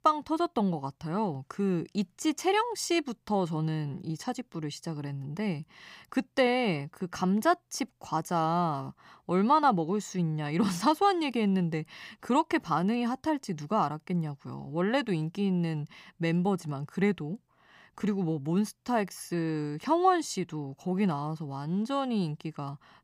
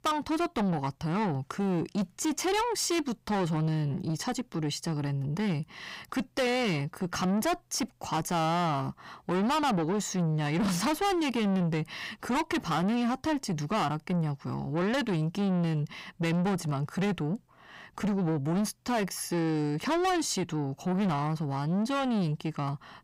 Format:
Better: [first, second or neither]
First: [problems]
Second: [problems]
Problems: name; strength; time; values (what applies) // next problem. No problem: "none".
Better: first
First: none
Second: distortion; heavy; 6 dB below the speech